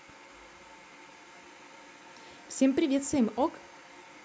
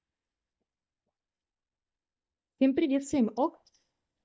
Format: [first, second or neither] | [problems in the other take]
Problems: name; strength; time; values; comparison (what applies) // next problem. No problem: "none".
first | noise reduction (neural mask model DeepFilterNet 3)